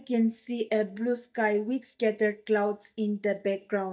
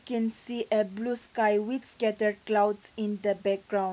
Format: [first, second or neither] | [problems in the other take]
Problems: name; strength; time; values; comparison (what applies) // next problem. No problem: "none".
second | noise reduction (neural mask model DeepFilterNet 3)